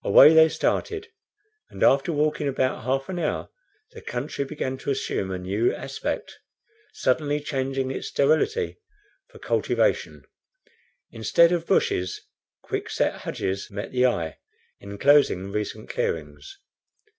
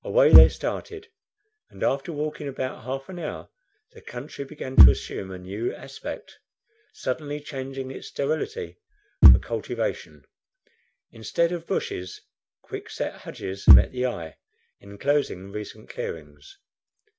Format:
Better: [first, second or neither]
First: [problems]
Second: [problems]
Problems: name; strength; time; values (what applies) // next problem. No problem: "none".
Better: first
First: none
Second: background sound (Bass drum / Thump, thud); 4 dB above the speech